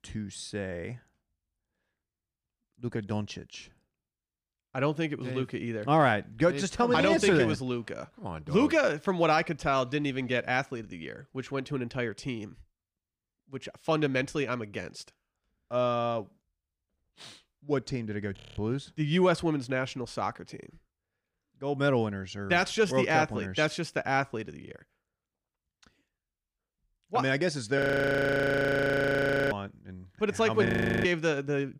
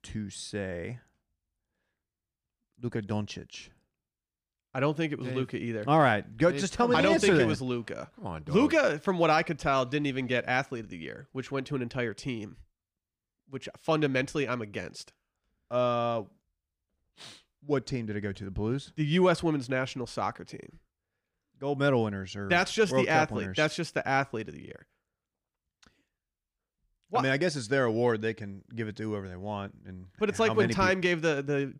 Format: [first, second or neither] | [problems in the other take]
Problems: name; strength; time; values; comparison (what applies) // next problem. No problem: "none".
second | audio freezing; at 18 s, at 28 s for 1.5 s and at 31 s